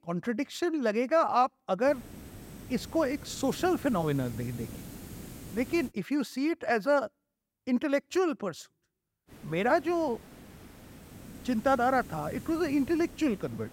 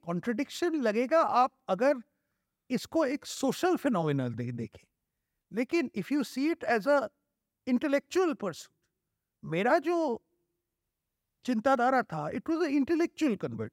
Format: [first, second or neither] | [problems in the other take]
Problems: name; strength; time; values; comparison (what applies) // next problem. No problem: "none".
second | hiss; noticeable; from 2 to 6 s and from 9.5 s on; 15 dB below the speech